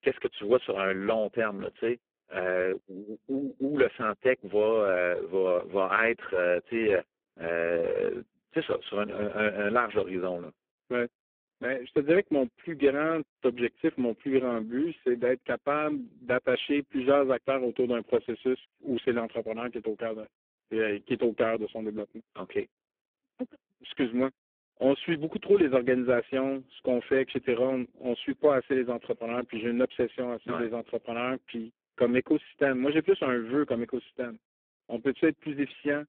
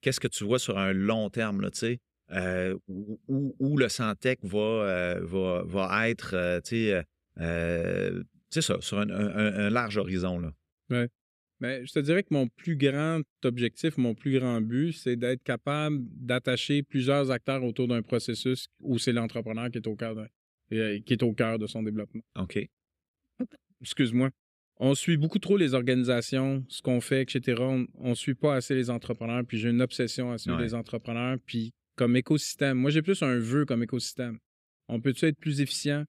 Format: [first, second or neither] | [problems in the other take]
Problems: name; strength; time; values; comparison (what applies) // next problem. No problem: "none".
second | phone-call audio; poor line